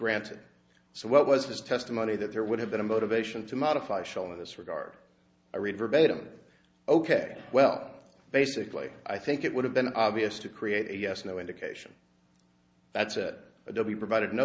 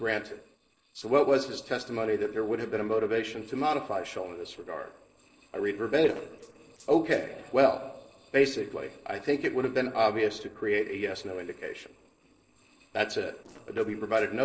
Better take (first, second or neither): first